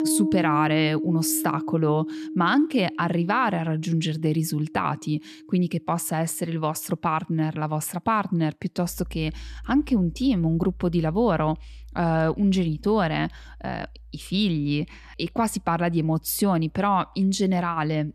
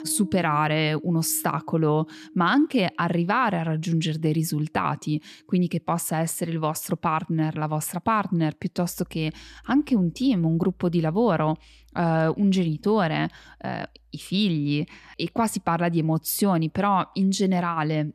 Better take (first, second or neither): second